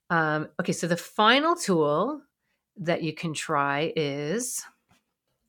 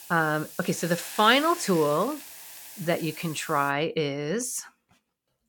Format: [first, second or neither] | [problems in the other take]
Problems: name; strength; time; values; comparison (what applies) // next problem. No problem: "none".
first | hiss; noticeable; until 3.5 s; 15 dB below the speech